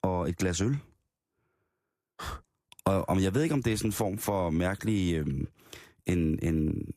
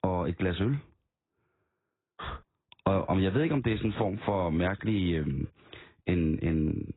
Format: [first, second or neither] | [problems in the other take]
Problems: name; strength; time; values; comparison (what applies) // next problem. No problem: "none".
first | garbled, watery; badly; nothing above 4 kHz